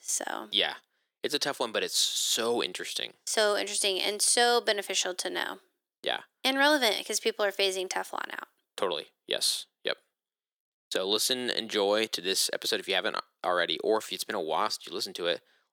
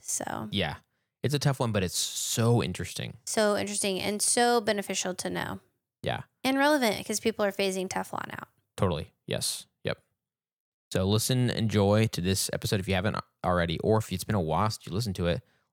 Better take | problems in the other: second | thin; somewhat; fading below 300 Hz

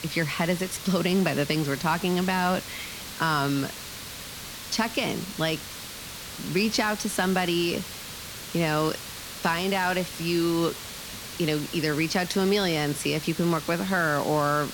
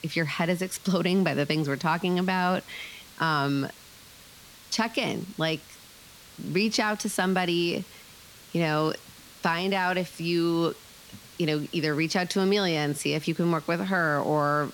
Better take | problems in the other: second | hiss; loud; throughout; 10 dB below the speech; faint in the second

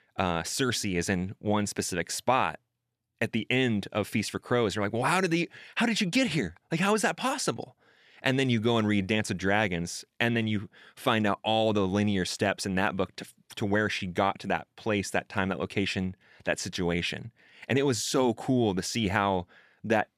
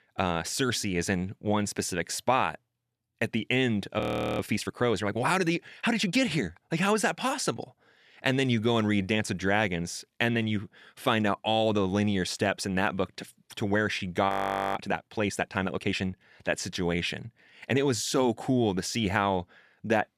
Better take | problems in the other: first | audio freezing; at 4 s and at 14 s

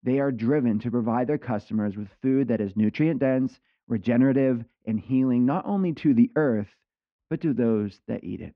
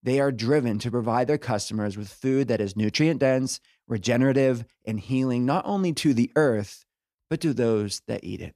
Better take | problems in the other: second | muffled; very; fading above 2.5 kHz

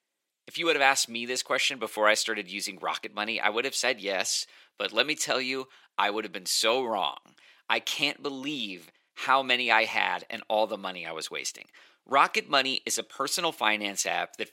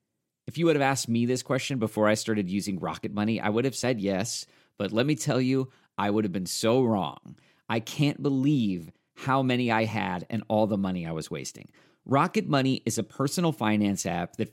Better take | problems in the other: second | thin; very; fading below 650 Hz

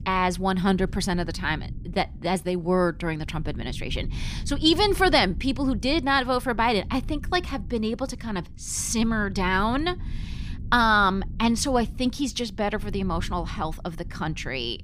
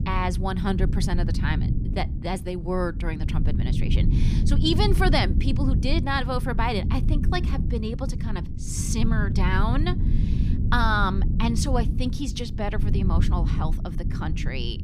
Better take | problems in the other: first | low rumble; loud; throughout; 9 dB below the speech; faint in the first

